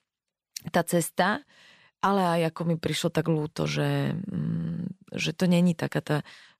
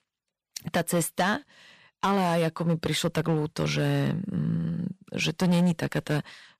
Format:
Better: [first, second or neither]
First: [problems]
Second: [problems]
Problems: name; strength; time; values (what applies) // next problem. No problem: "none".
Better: first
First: none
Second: distortion; slight; 7% of the sound clipped